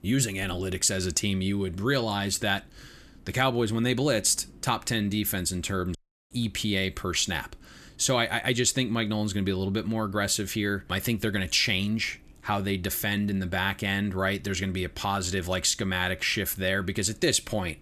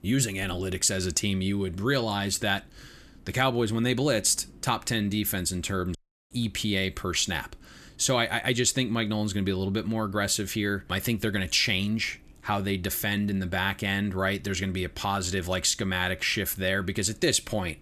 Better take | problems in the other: neither | audio cutting out; at 6 s; the same in both

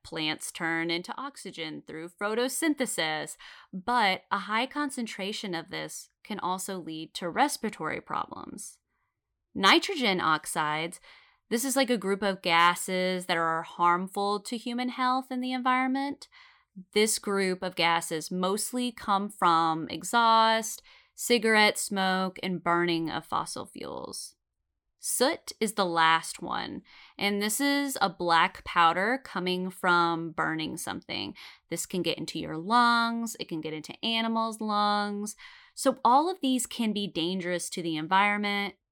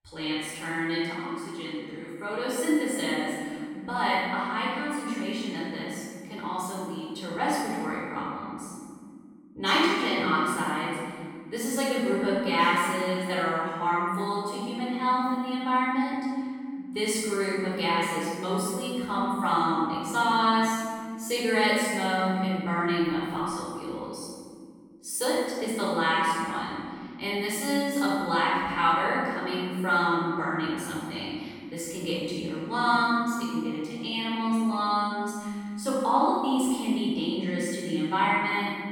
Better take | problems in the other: first | off-mic speech; far // room echo; strong; dies away in 2.2 s

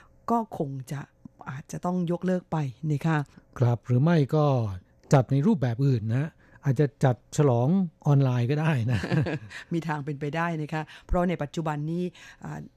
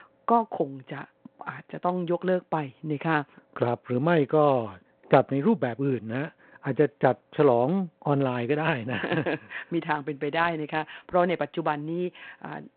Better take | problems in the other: first | phone-call audio; nothing above 4 kHz

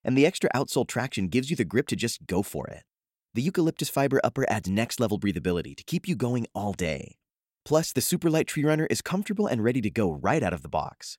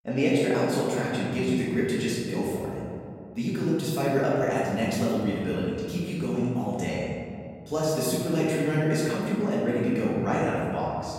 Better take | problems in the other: first | off-mic speech; far // room echo; strong; dies away in 2.1 s

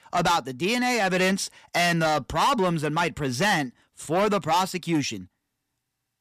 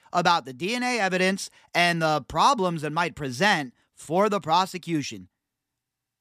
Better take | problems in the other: second | distortion; heavy; 7 dB below the speech

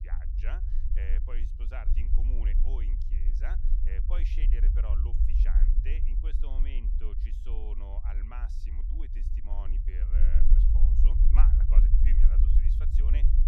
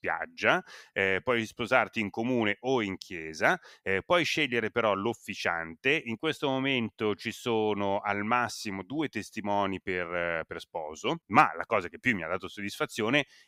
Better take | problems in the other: second | low rumble; loud; throughout; 2 dB below the speech

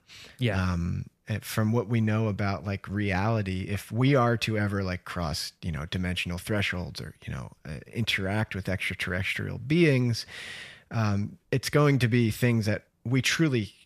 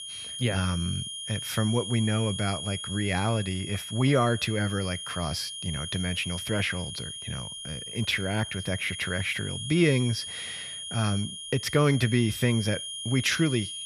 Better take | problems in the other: first | high-pitched whine; loud; throughout; 3 kHz, 7 dB below the speech

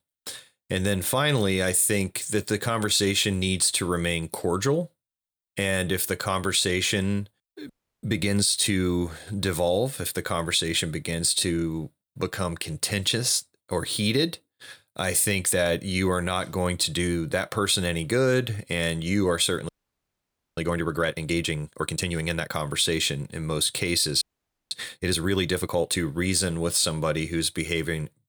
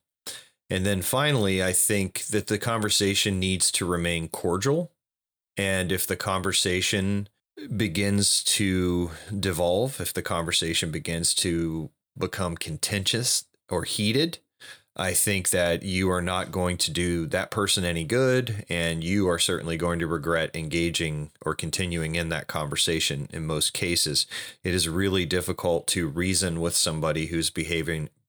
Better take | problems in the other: second | audio freezing; at 7.5 s, at 20 s for 1 s and at 24 s

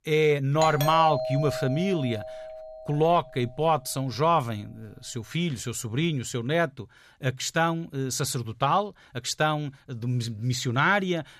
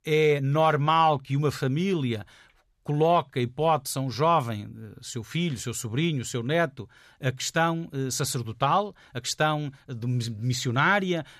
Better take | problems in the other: second | doorbell; noticeable; from 0.5 to 3.5 s; peak 2 dB below the speech

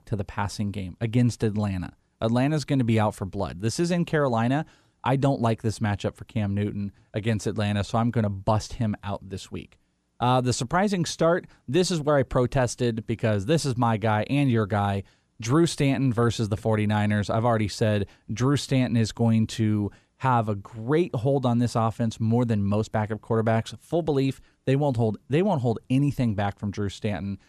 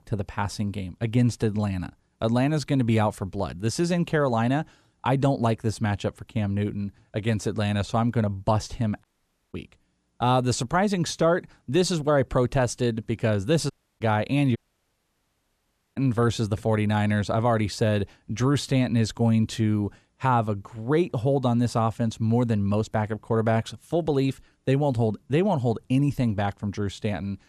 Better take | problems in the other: first | audio cutting out; at 9 s, at 14 s and at 15 s for 1.5 s

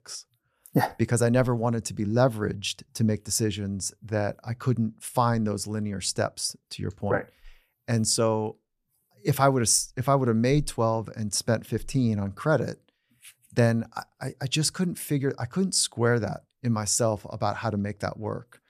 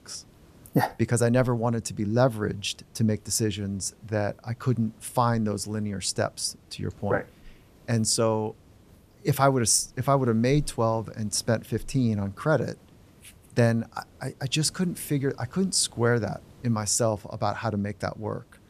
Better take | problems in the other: first | hiss; faint; throughout; 30 dB below the speech

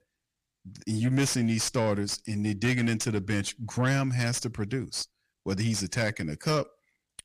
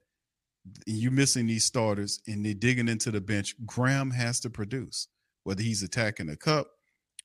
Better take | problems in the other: second | distortion; slight; 10 dB below the speech

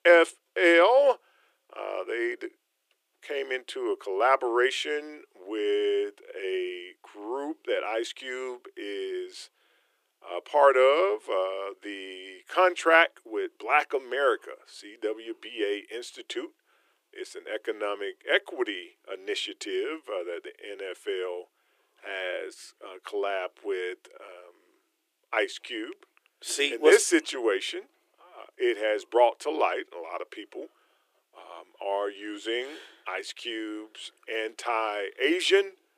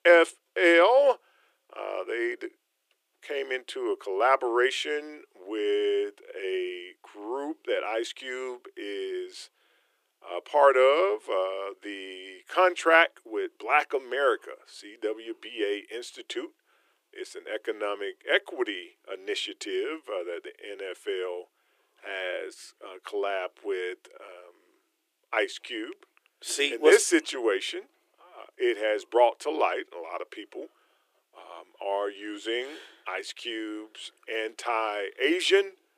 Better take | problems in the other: neither | thin; very; fading below 350 Hz; the same in both

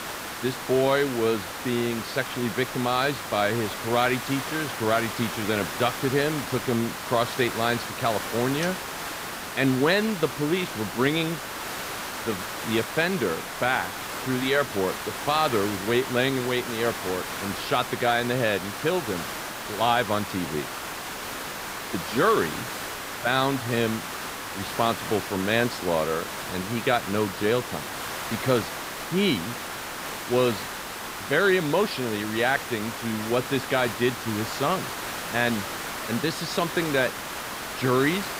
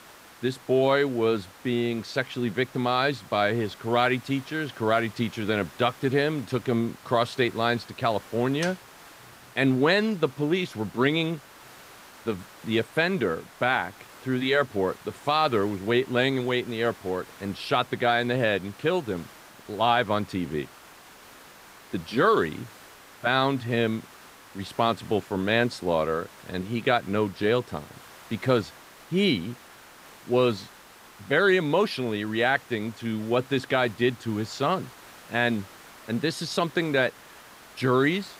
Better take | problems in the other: second | hiss; loud; throughout; 6 dB below the speech; faint in the second

